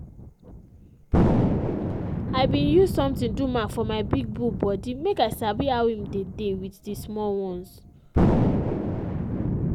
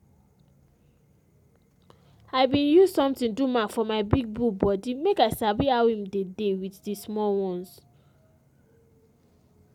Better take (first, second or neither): second